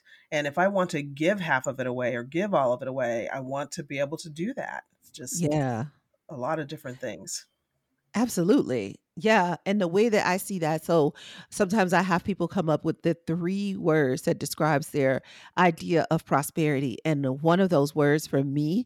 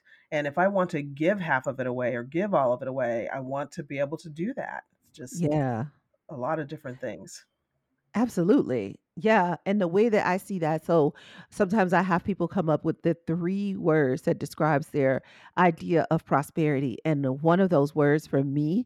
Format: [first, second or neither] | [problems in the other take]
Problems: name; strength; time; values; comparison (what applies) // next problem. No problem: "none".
first | muffled; slightly; fading above 3 kHz